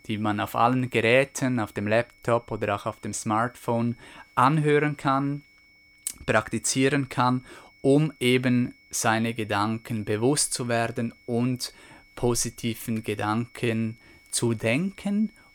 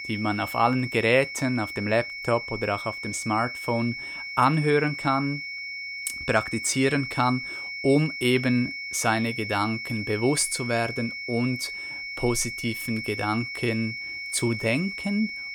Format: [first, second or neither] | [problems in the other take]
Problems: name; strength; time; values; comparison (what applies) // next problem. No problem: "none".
first | high-pitched whine; loud; throughout; 2 kHz, 7 dB below the speech; faint in the first